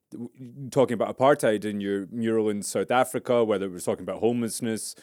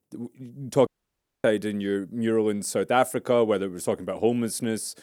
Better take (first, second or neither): first